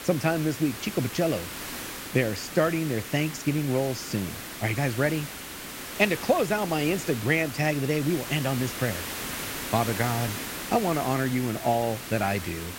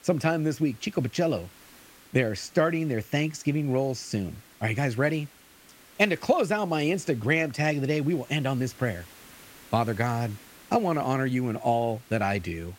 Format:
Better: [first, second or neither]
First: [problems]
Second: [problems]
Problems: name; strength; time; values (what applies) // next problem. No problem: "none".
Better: second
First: hiss; loud; throughout; 8 dB below the speech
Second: hiss; faint; throughout; 25 dB below the speech